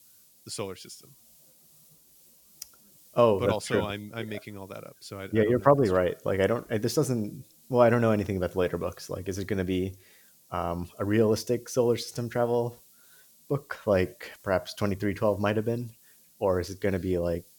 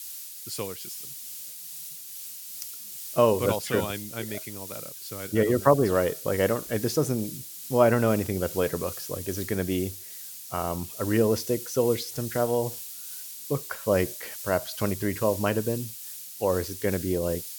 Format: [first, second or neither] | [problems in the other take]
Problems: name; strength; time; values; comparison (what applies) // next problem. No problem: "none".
first | hiss; loud; throughout; 9 dB below the speech; faint in the first